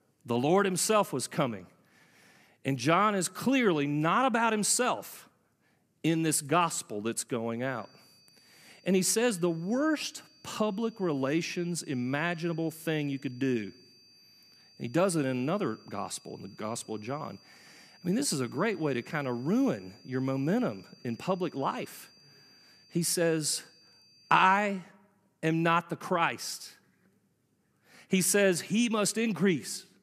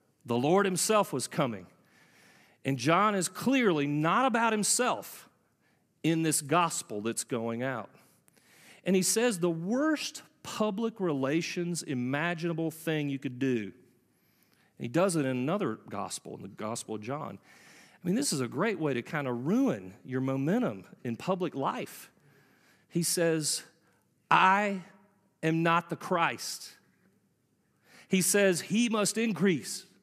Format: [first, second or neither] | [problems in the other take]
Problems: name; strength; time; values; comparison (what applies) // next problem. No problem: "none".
second | high-pitched whine; faint; from 7.5 to 25 s; 4.5 kHz, 30 dB below the speech